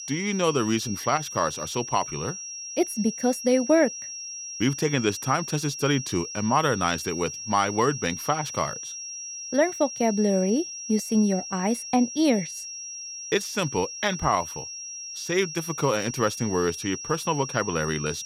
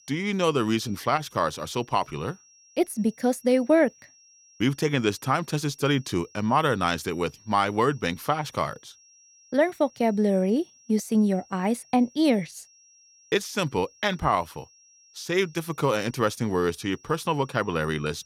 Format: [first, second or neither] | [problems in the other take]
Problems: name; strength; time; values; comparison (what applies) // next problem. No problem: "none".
second | high-pitched whine; loud; throughout; 5.5 kHz, 8 dB below the speech; faint in the second